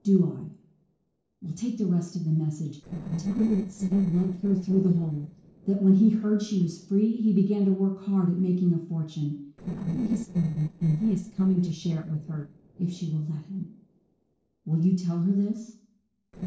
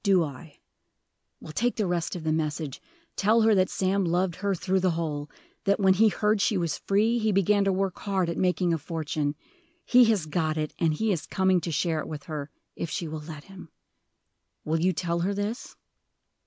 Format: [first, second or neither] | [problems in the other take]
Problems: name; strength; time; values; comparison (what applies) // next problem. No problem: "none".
second | noise reduction (neural separator model SepFormer DNS4)